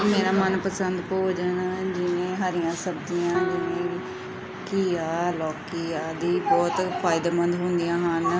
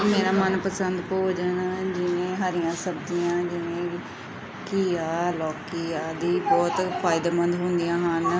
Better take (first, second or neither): second